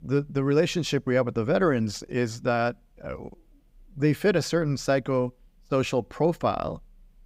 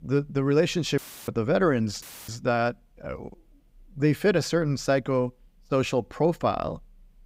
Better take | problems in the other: first | audio cutting out; filled with static; at 1 s and at 2 s

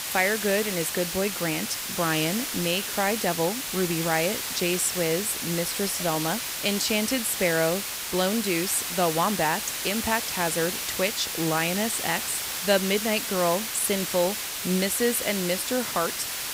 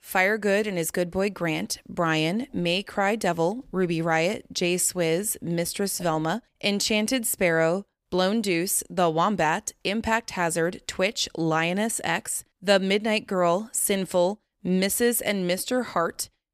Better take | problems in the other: second | hiss; loud; throughout; 2 dB below the speech

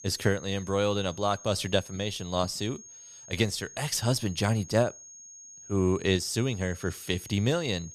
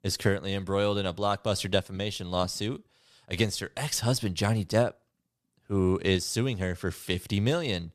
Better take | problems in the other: second | high-pitched whine; noticeable; throughout; 6.5 kHz, 15 dB below the speech

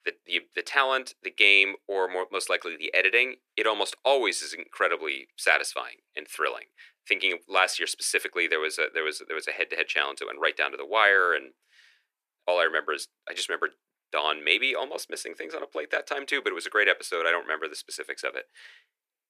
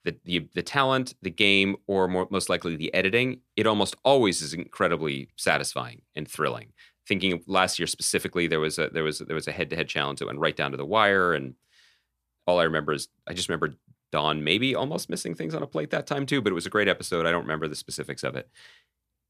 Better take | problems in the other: second | thin; very; fading below 350 Hz

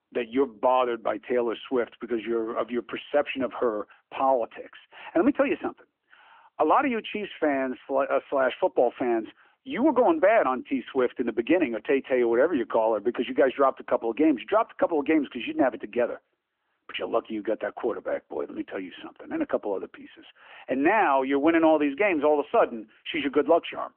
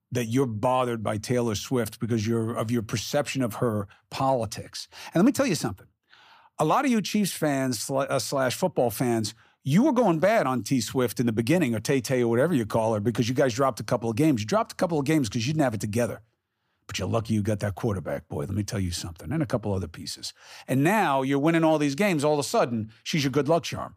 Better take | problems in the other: second | phone-call audio; nothing above 3 kHz

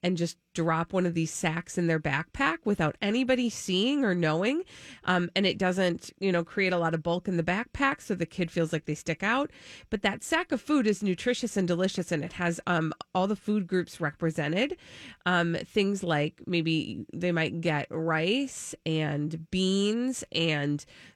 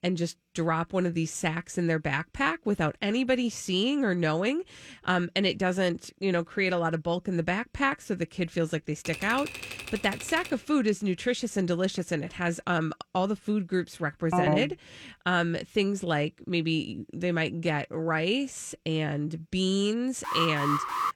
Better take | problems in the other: first | keyboard typing; noticeable; from 9 to 11 s; peak 9 dB below the speech // phone ringing; loud; at 14 s; peak 2 dB above the speech // alarm; loud; at 20 s; peak level with the speech

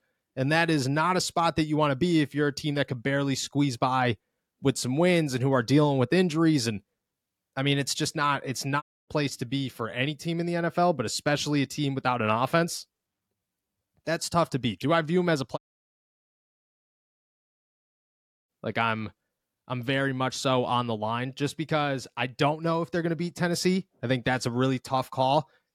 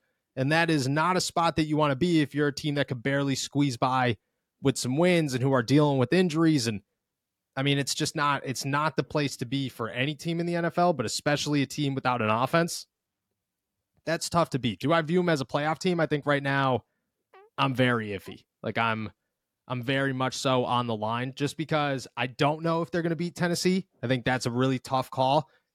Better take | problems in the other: second | audio cutting out; at 9 s and at 16 s for 3 s

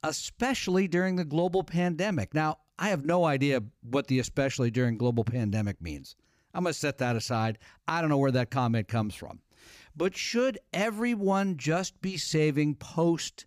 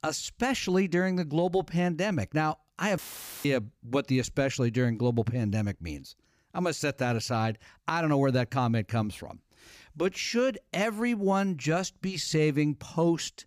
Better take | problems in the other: first | audio cutting out; filled with static; at 3 s

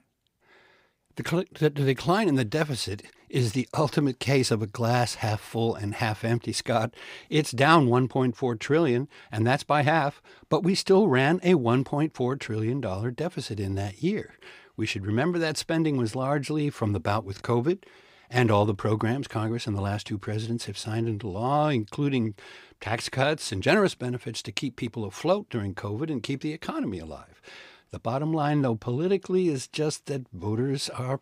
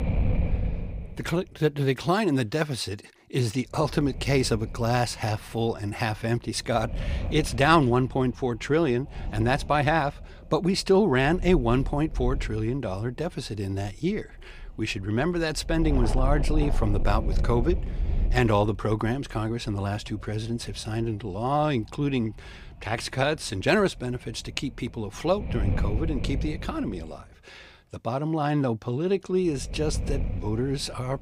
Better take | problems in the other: first | wind noise on the microphone; occasional gusts; 15 dB below the speech

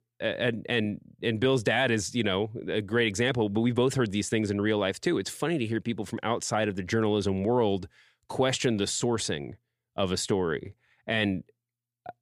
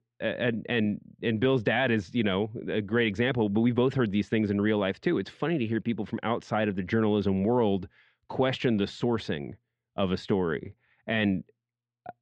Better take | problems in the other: first | muffled; slightly; fading above 3.5 kHz

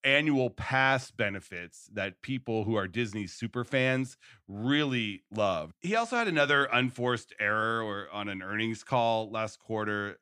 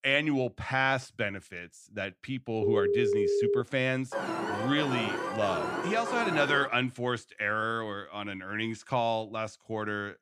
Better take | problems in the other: first | phone ringing; loud; at 2.5 s; peak 4 dB above the speech // alarm; noticeable; from 4 to 6.5 s; peak 1 dB below the speech

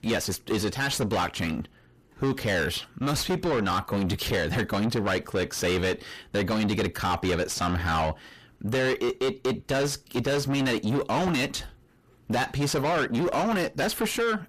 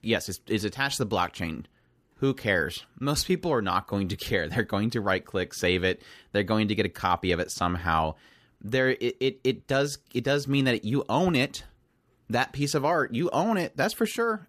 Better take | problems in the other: second | distortion; heavy; 5 dB below the speech

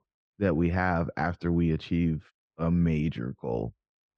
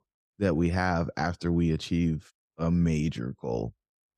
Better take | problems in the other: second | muffled; slightly; fading above 2.5 kHz

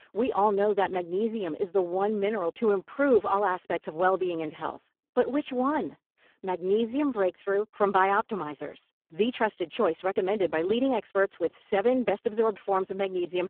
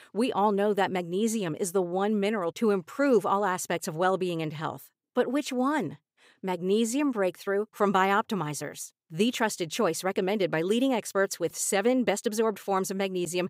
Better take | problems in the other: second | phone-call audio; poor line

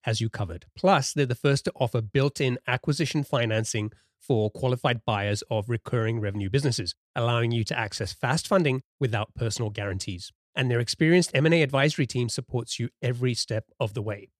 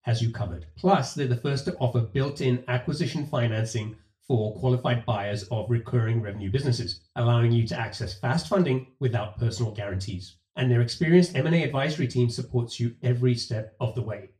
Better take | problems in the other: first | room echo; very slight; dies away in 0.3 s // off-mic speech; far

